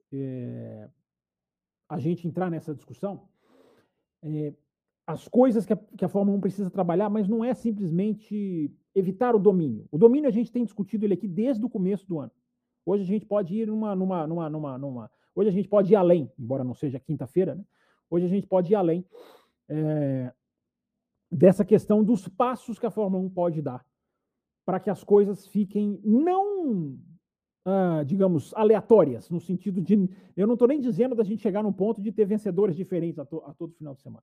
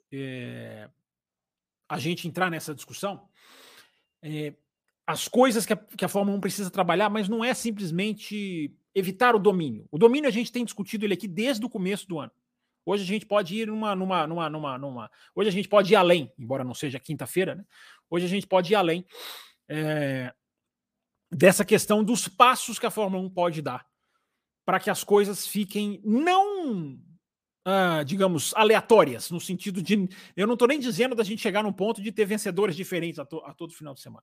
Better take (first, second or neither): second